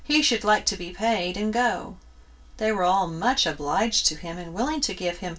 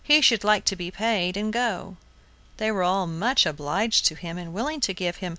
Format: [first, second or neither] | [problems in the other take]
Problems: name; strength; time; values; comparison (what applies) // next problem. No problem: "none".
second | room echo; dies away in 0.2 s